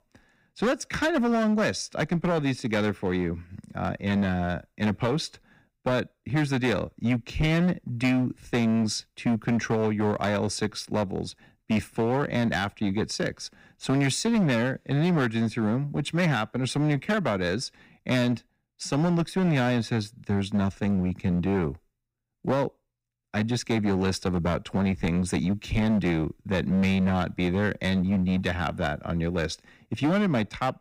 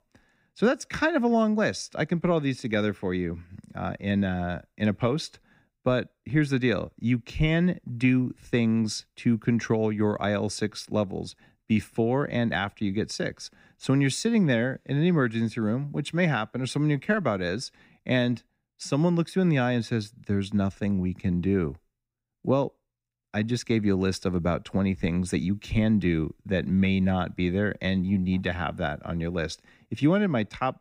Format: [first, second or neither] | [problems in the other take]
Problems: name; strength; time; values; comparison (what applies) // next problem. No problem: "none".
second | distortion; slight; 12% of the sound clipped